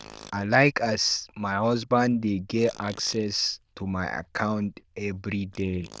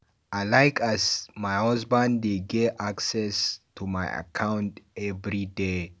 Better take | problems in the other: second | noise reduction (neural diffusion model UNIVERSE++)

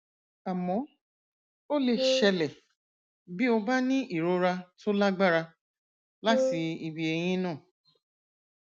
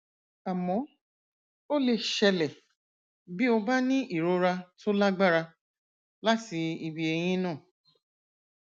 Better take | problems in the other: second | background sound (Wind instrument, woodwind instrument); as loud as the speech

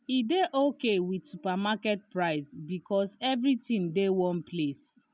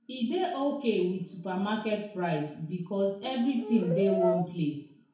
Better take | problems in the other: first | background sound (Brass instrument); 3 dB below the speech // room echo; dies away in 0.6 s

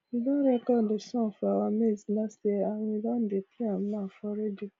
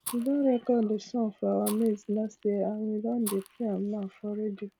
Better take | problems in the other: first | background sound (Fire); 18 dB below the speech

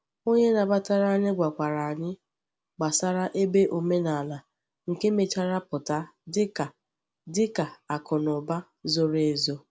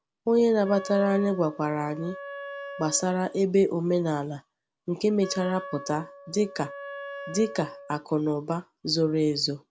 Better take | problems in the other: first | background sound (Wind instrument, woodwind instrument); 14 dB below the speech

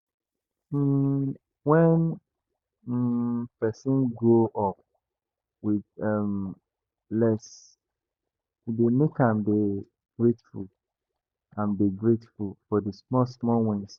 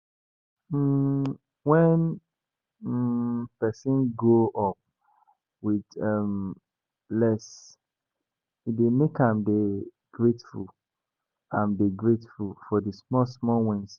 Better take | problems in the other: second | noise reduction (neural mask model DeepFilterNet 3)

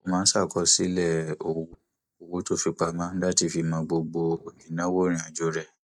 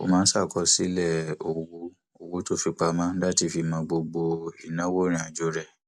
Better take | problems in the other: second | noise reduction (neural mask model DeepFilterNet 3)

